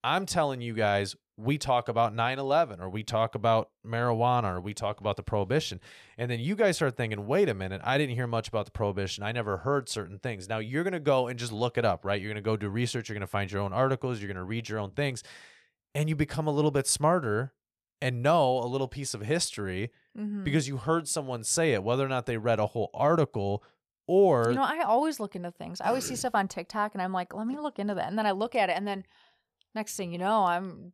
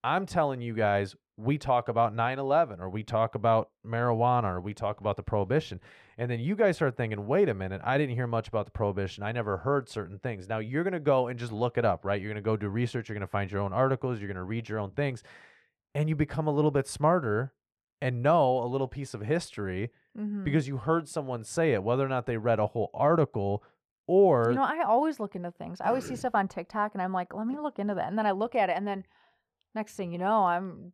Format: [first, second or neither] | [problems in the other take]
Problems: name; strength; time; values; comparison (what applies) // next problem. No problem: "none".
first | muffled; slightly; fading above 3 kHz